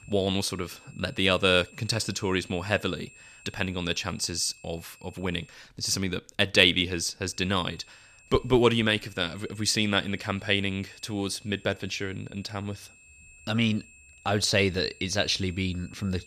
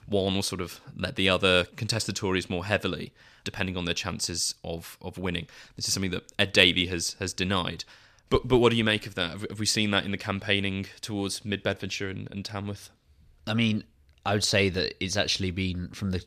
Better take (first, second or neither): second